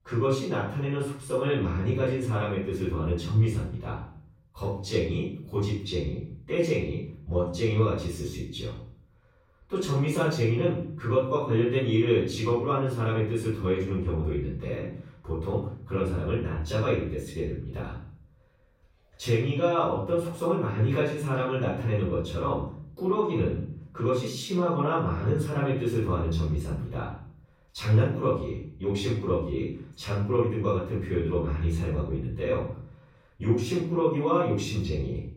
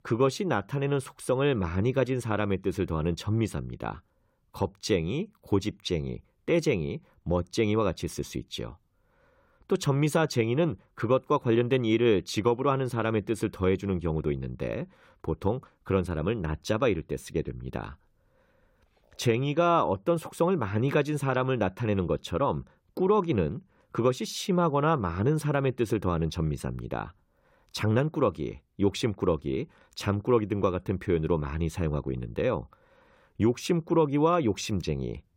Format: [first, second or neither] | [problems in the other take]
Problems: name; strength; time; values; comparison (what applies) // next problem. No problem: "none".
second | room echo; noticeable; dies away in 0.6 s // off-mic speech; far